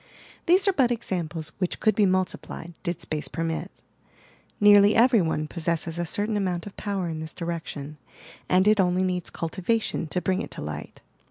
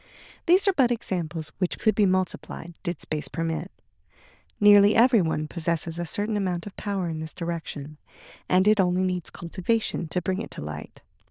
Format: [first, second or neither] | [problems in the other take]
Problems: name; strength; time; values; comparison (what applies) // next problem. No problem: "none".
first | noise reduction (neural diffusion model UNIVERSE++)